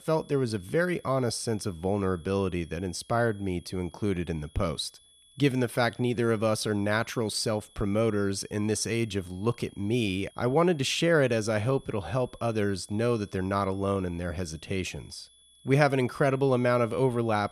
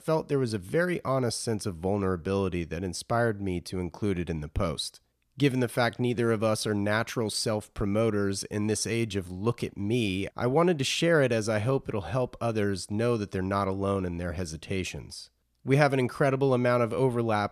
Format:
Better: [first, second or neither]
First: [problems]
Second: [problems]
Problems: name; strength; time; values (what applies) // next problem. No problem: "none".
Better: second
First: high-pitched whine; faint; throughout; 3.5 kHz, 30 dB below the speech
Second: none